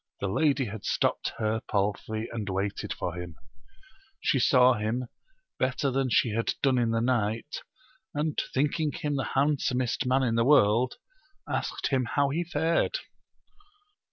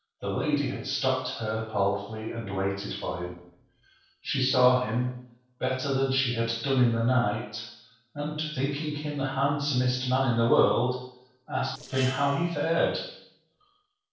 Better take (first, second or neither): first